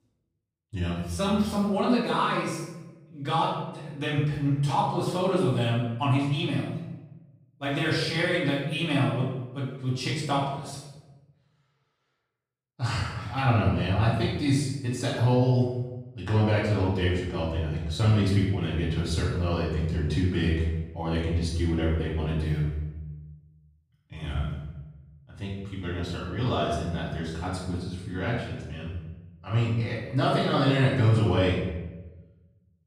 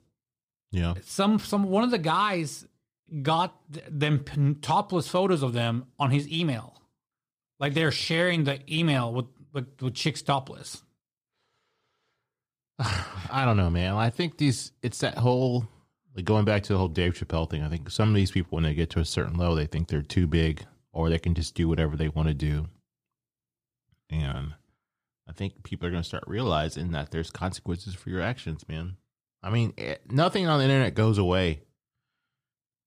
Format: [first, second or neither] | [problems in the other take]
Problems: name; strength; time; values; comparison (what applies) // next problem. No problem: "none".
second | room echo; noticeable; dies away in 0.9 s // off-mic speech; far